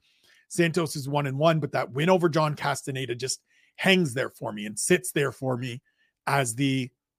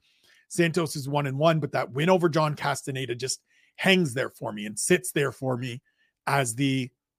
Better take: neither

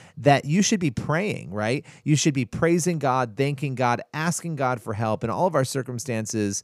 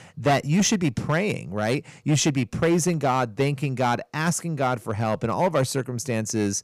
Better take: first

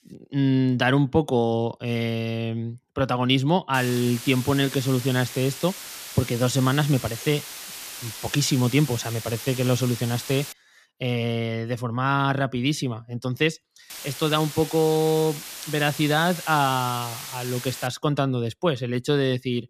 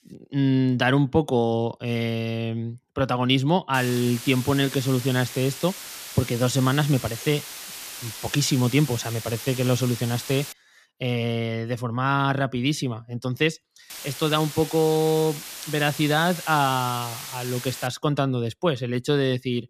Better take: neither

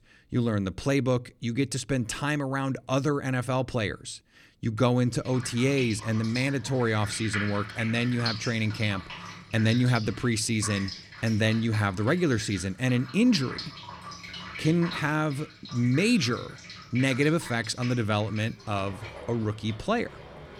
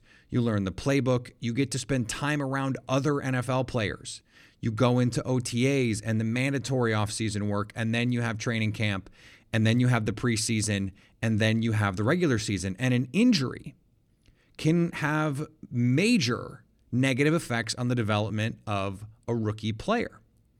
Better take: second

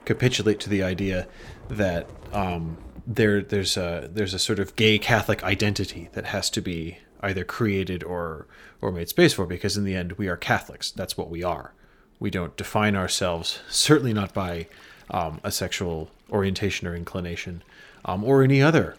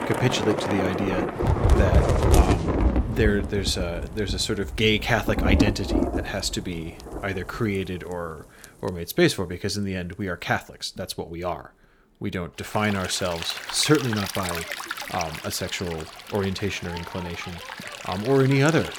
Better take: first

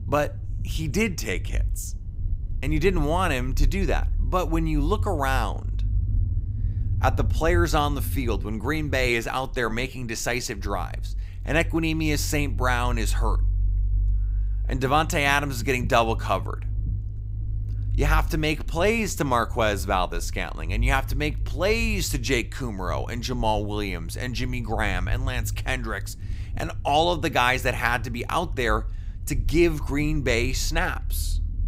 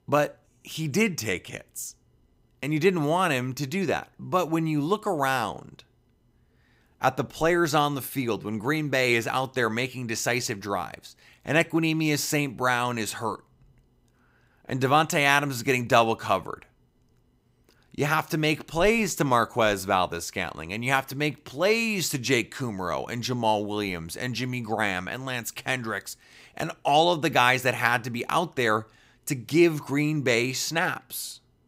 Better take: second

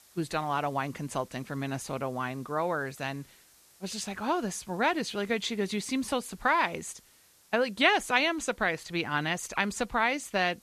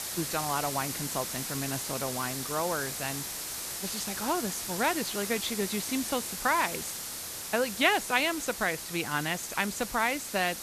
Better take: first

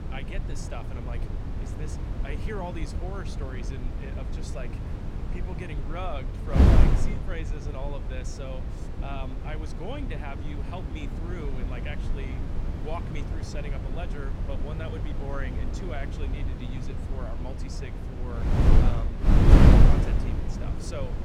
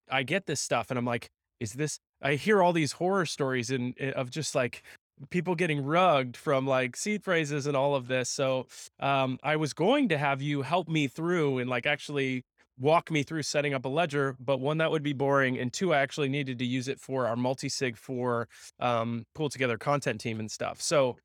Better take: second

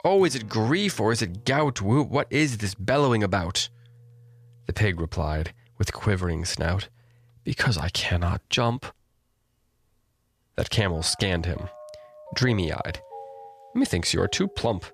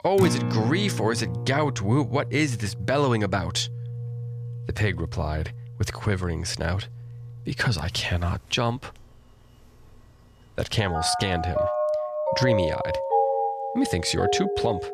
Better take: first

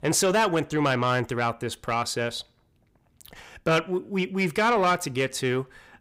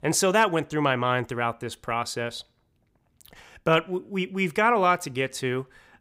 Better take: second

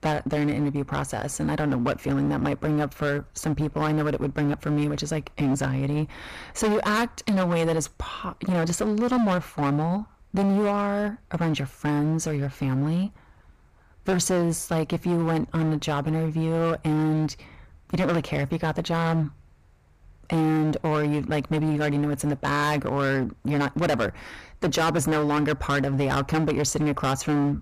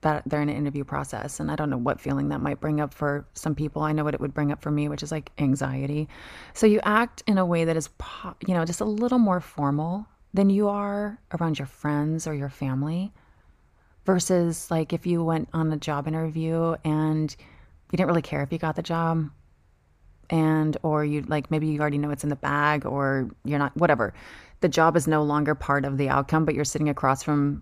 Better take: second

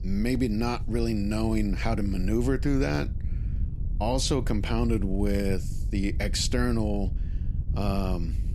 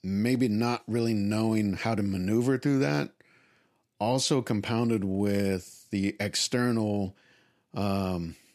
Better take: second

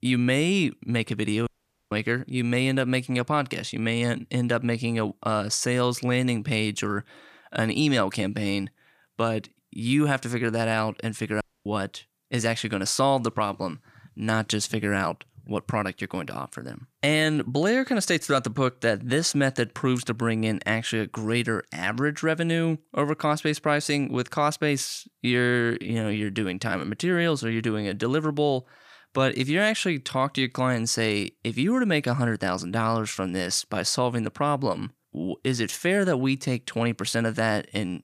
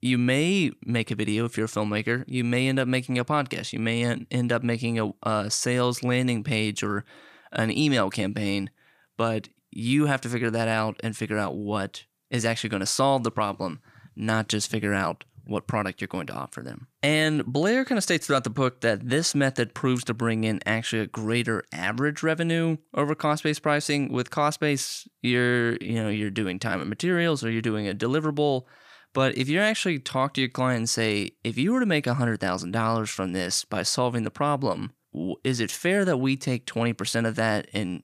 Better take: second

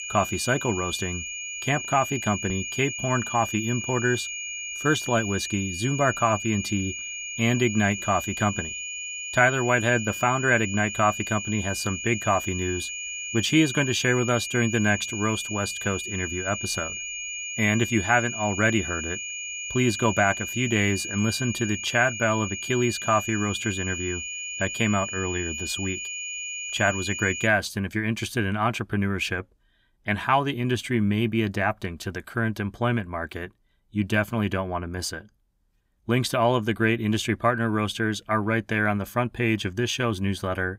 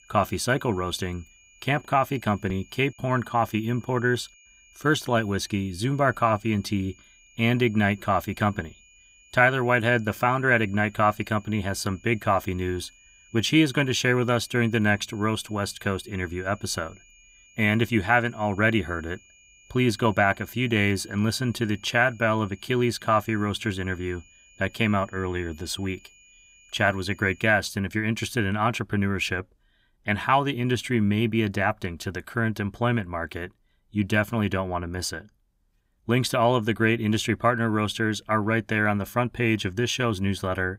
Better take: second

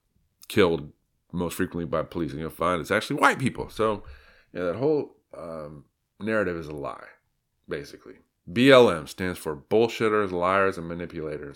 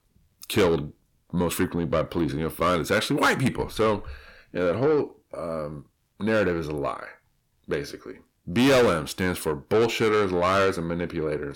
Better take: first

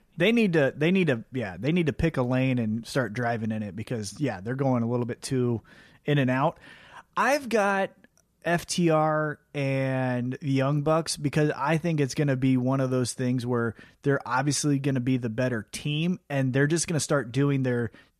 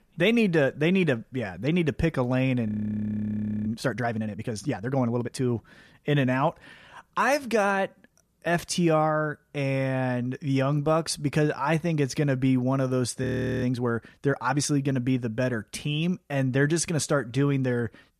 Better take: first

